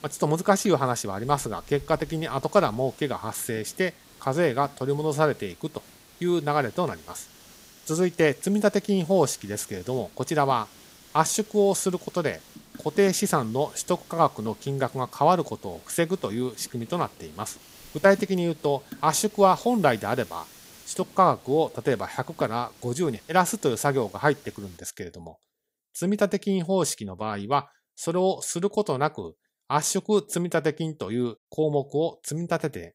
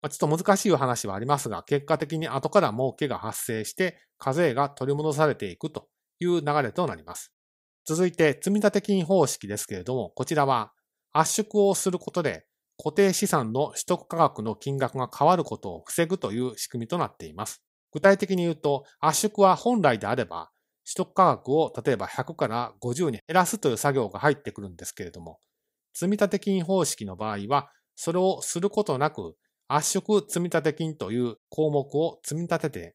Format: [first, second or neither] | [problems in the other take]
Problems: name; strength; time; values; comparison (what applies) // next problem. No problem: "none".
second | hiss; faint; until 25 s; 25 dB below the speech